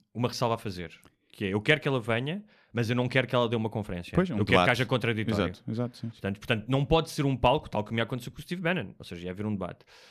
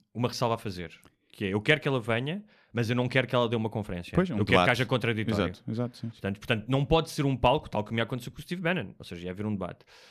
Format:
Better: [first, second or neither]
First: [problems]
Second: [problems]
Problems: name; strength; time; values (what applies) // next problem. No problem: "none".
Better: neither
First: none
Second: none